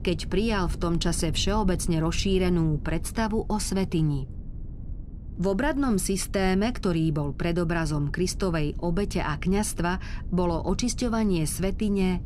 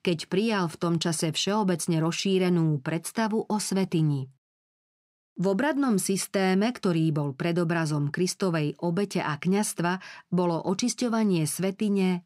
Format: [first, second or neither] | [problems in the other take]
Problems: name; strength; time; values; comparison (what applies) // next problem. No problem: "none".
second | low rumble; faint; throughout; 20 dB below the speech